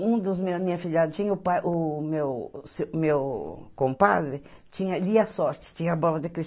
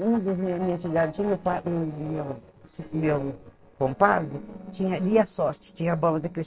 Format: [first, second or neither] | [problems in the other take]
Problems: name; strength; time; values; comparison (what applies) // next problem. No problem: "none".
first | noise reduction (neural separator model SepFormer DNS4)